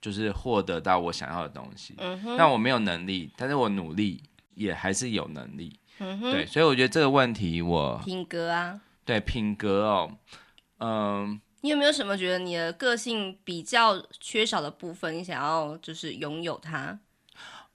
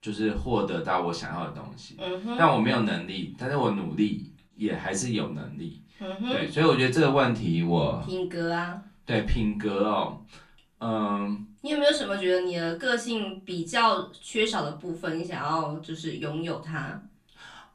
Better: first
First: none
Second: off-mic speech; far // room echo; very slight; dies away in 0.3 s

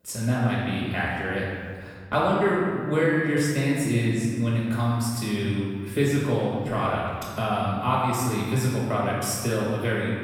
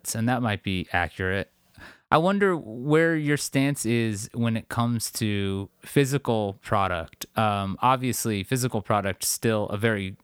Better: second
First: off-mic speech; far // room echo; strong; dies away in 1.7 s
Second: none

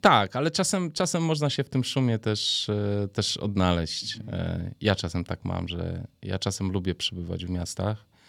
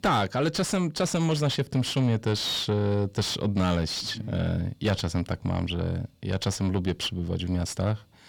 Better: first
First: none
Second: distortion; heavy; 7 dB below the speech

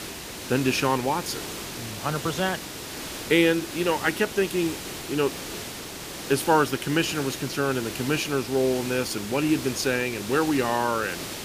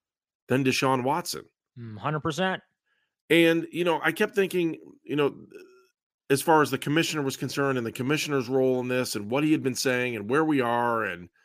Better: second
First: hiss; loud; throughout; 9 dB below the speech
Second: none

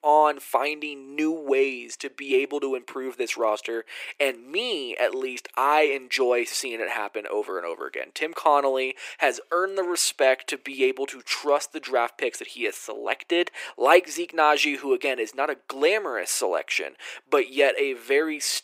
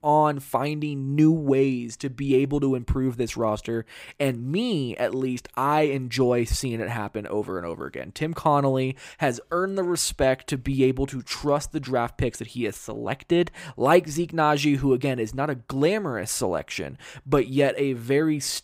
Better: second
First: thin; very; fading below 350 Hz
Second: none

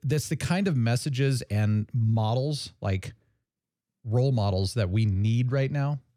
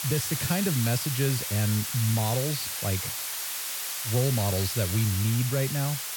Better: first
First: none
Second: hiss; loud; throughout; 2 dB below the speech

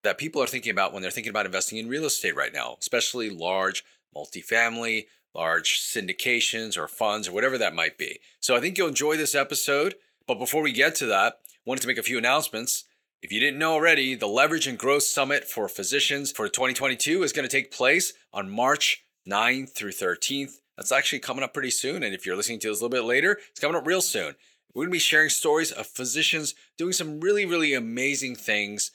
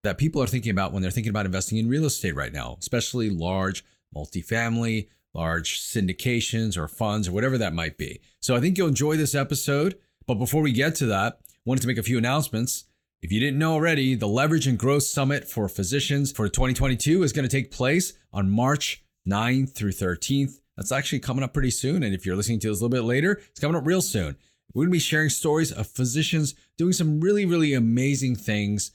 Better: second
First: thin; very; fading below 500 Hz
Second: none

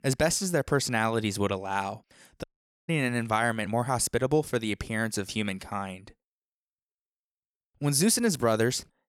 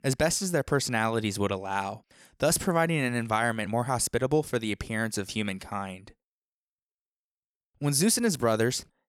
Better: second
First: audio cutting out; at 2.5 s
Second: none

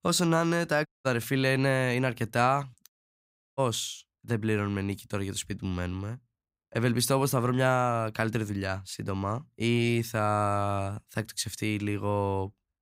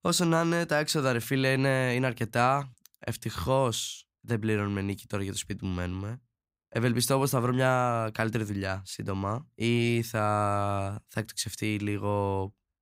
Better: second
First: audio cutting out; at 1 s and at 3 s for 0.5 s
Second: none

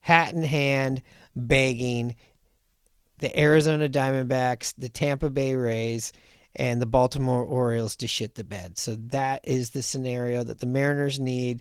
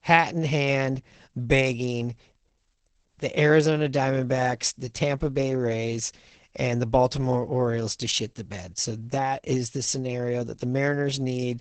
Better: first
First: garbled, watery; slightly; nothing above 18.5 kHz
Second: garbled, watery; badly; nothing above 8 kHz

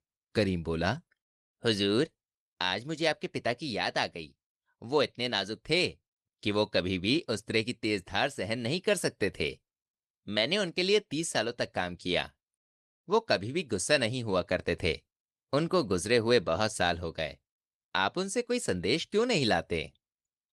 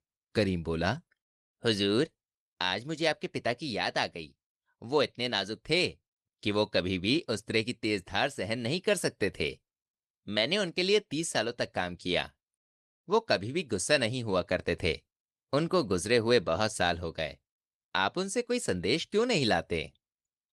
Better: neither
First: garbled, watery; slightly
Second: garbled, watery; slightly

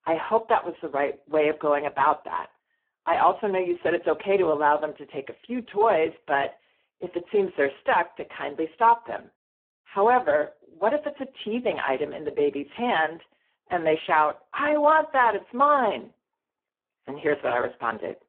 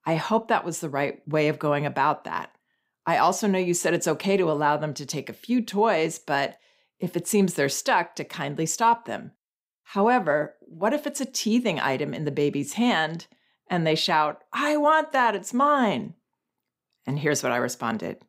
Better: second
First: phone-call audio; poor line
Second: none

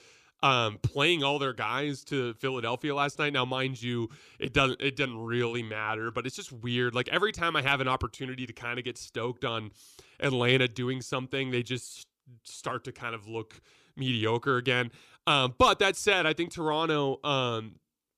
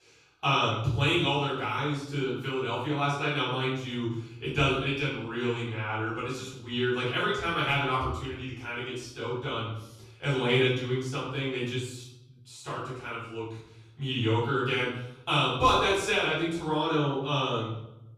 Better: first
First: none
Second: off-mic speech; far // room echo; noticeable; dies away in 0.7 s

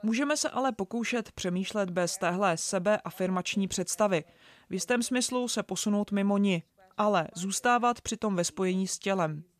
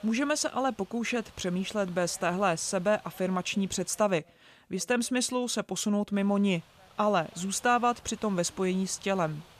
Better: first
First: none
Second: hiss; faint; until 4 s and from 6 s on; 25 dB below the speech

